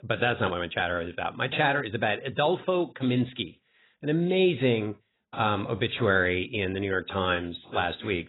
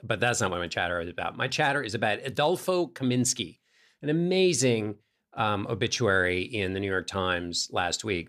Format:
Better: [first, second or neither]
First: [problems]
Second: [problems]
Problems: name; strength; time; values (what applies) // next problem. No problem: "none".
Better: second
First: garbled, watery; badly; nothing above 4 kHz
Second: none